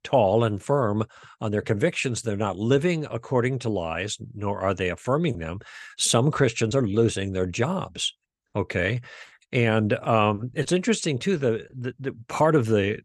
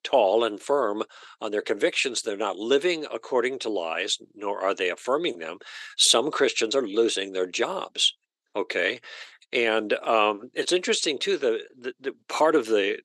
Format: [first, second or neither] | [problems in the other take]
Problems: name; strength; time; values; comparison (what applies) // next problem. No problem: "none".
first | thin; somewhat; fading below 350 Hz